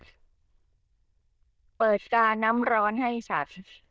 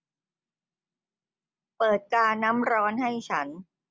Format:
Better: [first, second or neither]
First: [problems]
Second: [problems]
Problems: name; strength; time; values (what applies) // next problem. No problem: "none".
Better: second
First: noise reduction (neural diffusion model UNIVERSE++)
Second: none